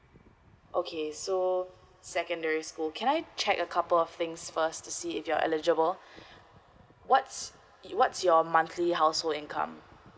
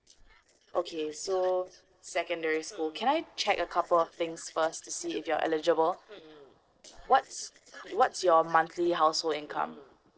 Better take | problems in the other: first | noise reduction (neural separator model SepFormer DNS4)

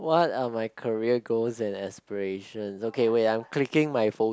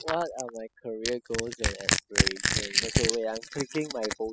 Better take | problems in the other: first | noise reduction (classical method spectral subtraction)

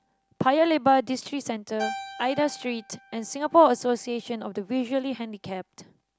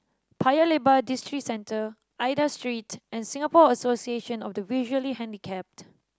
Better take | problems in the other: second | background sound (Keyboard (musical)); 18 dB below the speech

